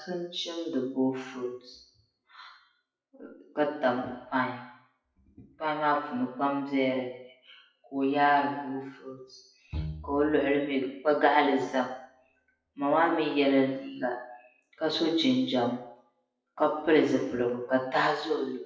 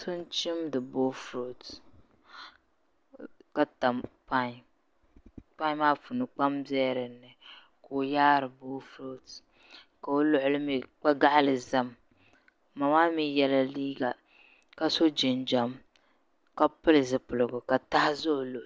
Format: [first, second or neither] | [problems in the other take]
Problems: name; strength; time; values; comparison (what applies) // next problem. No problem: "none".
second | noise reduction (classical method WPE with log-MMSE)